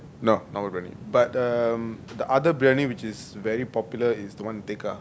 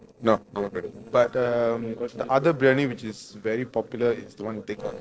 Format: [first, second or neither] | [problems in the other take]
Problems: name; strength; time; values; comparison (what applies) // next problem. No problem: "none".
first | noise reduction (neural separator model SepFormer DNS4)